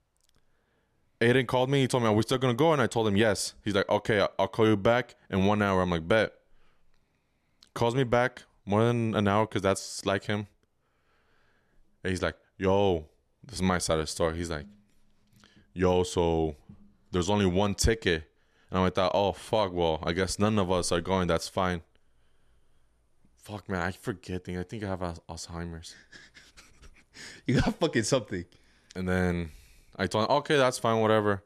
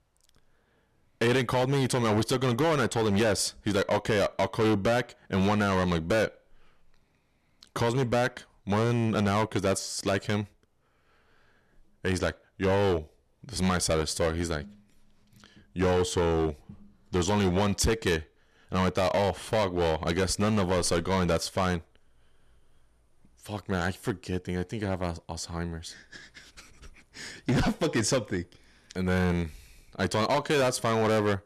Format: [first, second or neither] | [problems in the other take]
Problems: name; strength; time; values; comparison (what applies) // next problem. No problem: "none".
first | distortion; heavy; 10% of the sound clipped